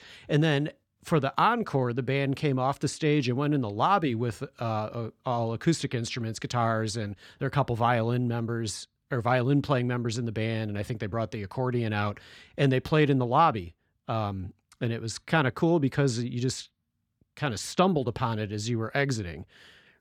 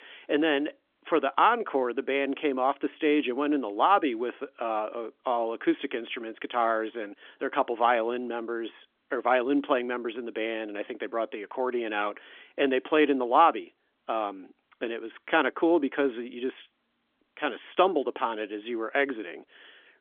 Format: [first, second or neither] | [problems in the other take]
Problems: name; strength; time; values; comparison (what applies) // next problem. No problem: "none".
first | phone-call audio; nothing above 3.5 kHz